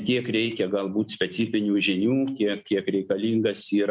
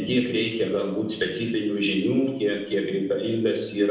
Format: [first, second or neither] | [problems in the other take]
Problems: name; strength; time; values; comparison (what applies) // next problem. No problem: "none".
first | room echo; dies away in 0.8 s